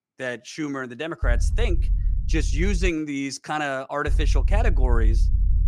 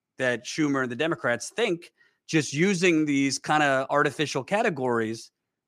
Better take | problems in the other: second | low rumble; noticeable; from 1 to 3 s and from 4 s on; 15 dB below the speech

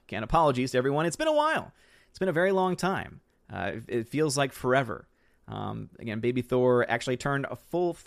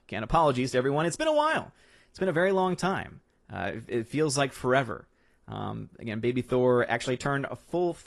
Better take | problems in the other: first | garbled, watery; slightly; nothing above 11 kHz

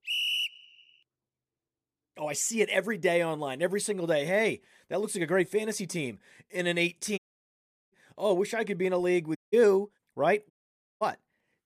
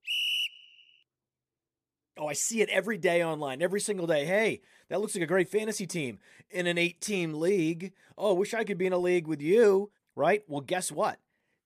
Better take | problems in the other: second | audio cutting out; at 7 s for 0.5 s, at 9.5 s and at 11 s for 0.5 s

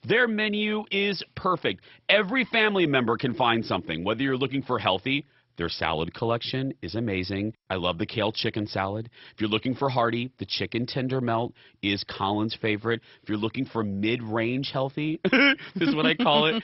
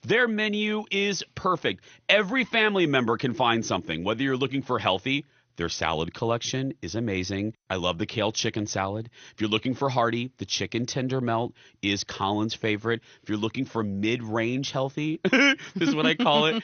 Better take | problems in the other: second | garbled, watery; badly; nothing above 5.5 kHz; slightly in the second

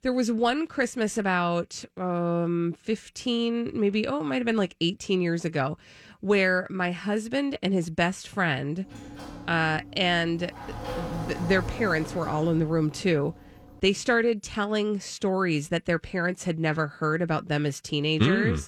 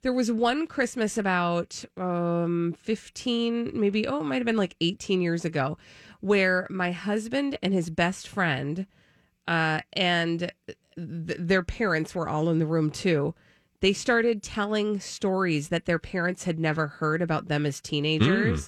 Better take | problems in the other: second | door banging; noticeable; from 9 to 14 s; peak 7 dB below the speech

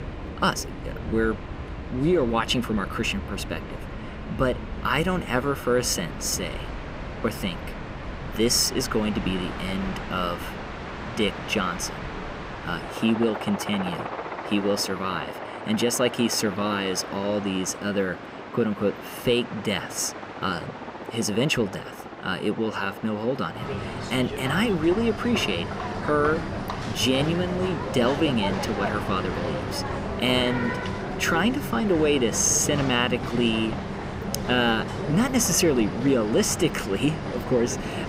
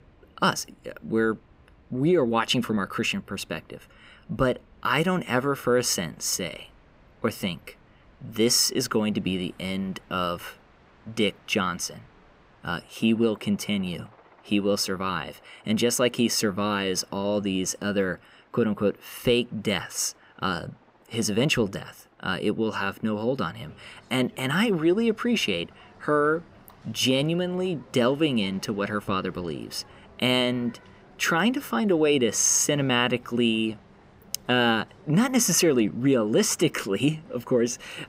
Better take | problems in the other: second | train or aircraft noise; loud; throughout; 8 dB below the speech; faint in the second

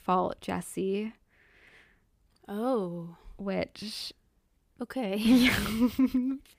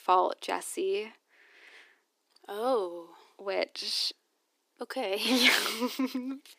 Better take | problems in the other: first | thin; somewhat; fading below 300 Hz

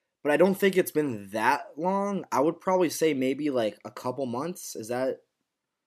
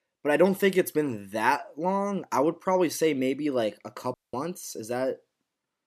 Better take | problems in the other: first | audio cutting out; at 4 s

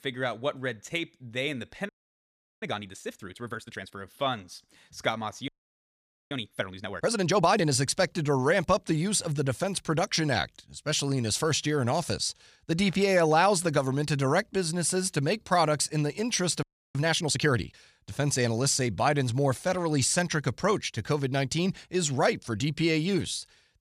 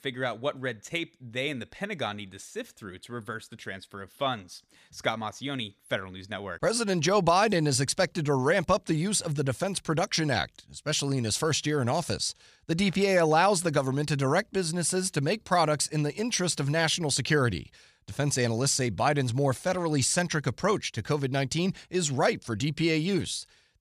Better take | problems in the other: second | audio freezing; at 2 s for 0.5 s, at 5.5 s for 1 s and at 17 s

